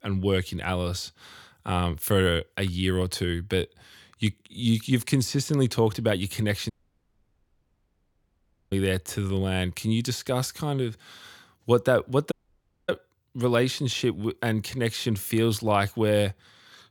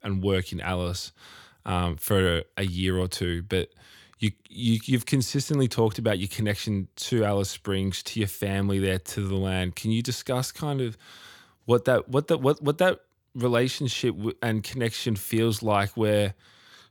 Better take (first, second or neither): second